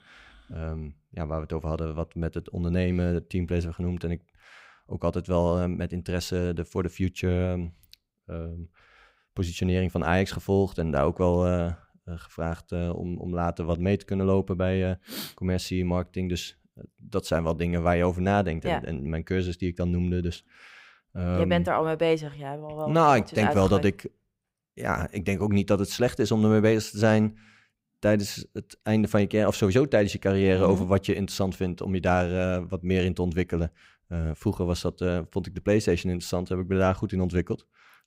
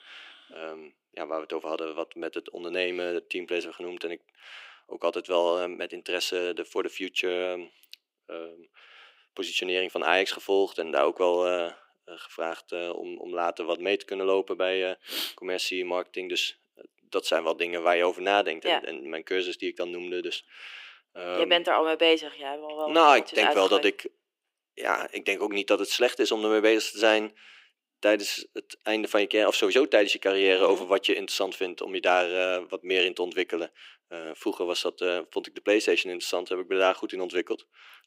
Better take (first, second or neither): first